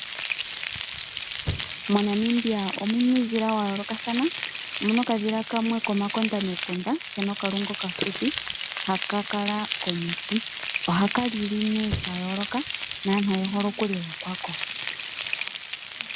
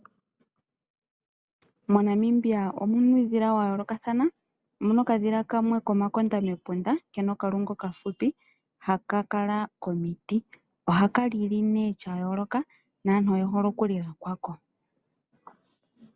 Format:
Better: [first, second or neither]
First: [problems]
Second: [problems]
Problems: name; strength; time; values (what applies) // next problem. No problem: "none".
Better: second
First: background sound (Frying (food)); 5 dB below the speech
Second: none